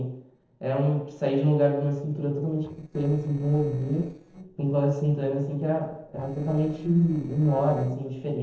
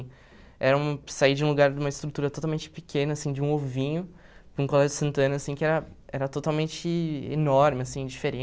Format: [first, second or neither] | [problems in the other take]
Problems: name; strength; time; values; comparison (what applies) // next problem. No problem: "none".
second | noise reduction (neural separator model SepFormer DNS4)